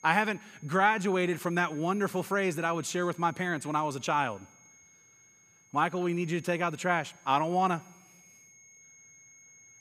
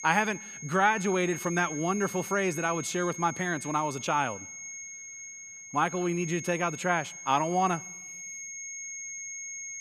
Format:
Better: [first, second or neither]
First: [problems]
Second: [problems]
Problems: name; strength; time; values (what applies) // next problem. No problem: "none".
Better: first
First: high-pitched whine; faint; throughout; 6.5 kHz, 25 dB below the speech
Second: high-pitched whine; loud; throughout; 6.5 kHz, 10 dB below the speech